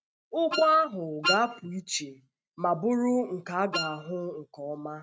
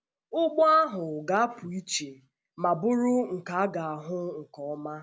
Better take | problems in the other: second | noise reduction (neural mask model RNNoise)

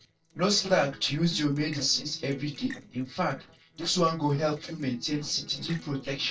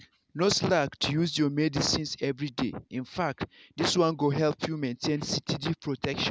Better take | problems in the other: second | noise reduction (neural separator model SepFormer DNS4)

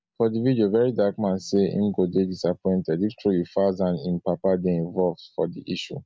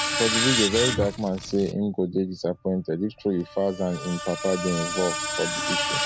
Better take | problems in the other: first | background sound (Screech); 3 dB below the speech

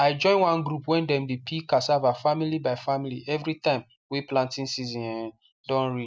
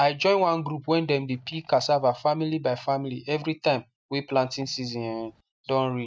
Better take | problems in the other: first | noise reduction (neural mask model DeepFilterNet 3)

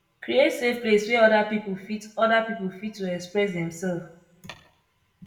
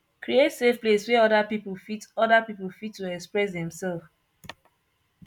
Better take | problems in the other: second | room echo; dies away in 0.6 s

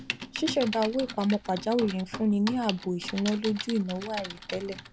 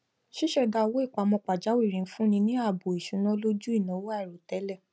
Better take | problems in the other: second | background sound (Typing); 10 dB below the speech

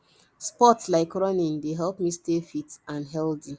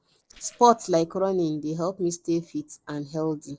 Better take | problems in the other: first | noise reduction (neural separator model SepFormer DNS4)

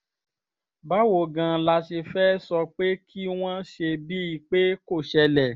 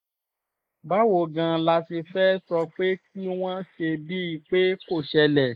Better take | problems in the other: first | noise reduction (neural mask model Resemble Enhance denoiser)

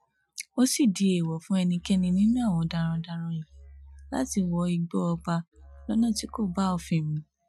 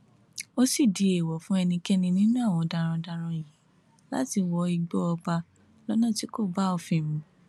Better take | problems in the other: second | noise reduction (classical method Wiener filter)

